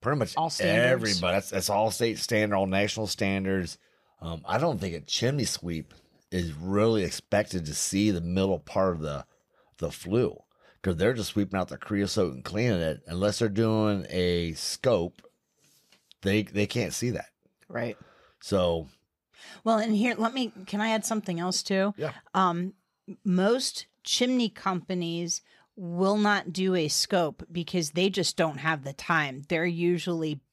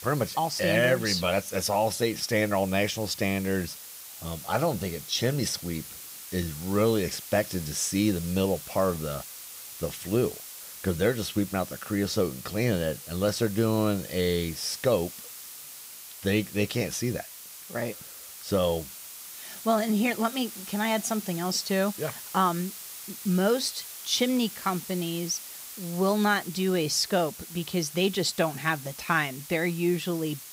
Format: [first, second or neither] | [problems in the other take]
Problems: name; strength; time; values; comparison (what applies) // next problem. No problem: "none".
first | hiss; noticeable; throughout; 10 dB below the speech